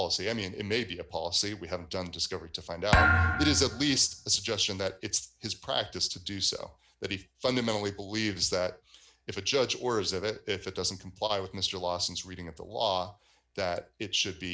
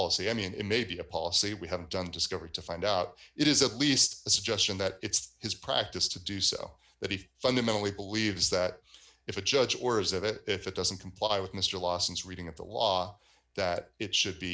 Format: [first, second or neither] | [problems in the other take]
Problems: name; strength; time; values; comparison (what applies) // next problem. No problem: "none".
second | background sound (Thump, thud); 4 dB above the speech